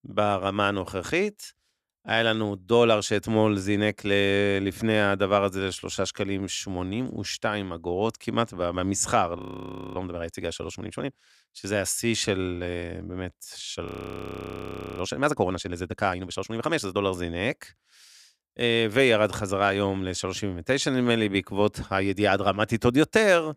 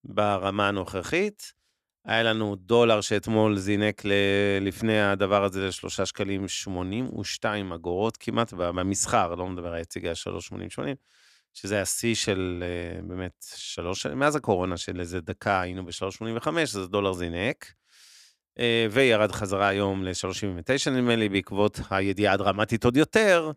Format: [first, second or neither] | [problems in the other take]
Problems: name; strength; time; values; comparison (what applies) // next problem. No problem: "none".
second | audio freezing; at 9.5 s for 0.5 s and at 14 s for 1 s